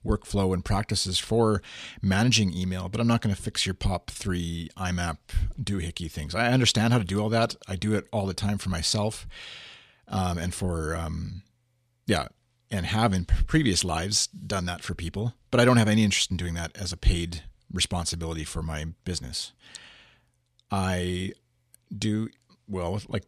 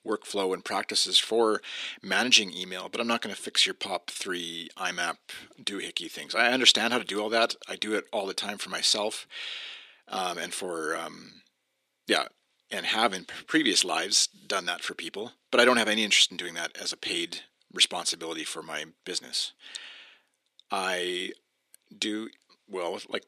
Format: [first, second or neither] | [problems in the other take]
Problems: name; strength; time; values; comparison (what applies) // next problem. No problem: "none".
first | thin; somewhat; fading below 300 Hz